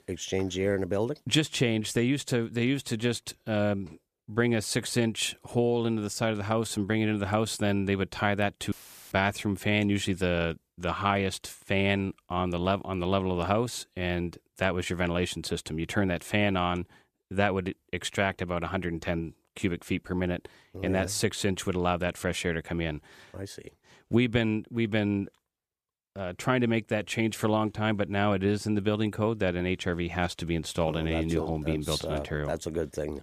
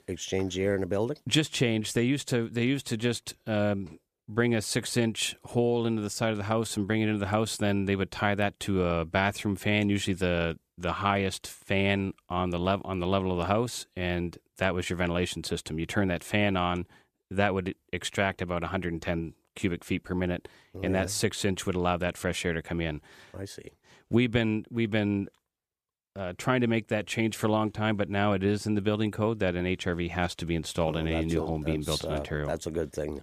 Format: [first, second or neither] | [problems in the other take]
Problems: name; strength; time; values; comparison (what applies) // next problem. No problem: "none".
second | audio cutting out; filled with static; at 8.5 s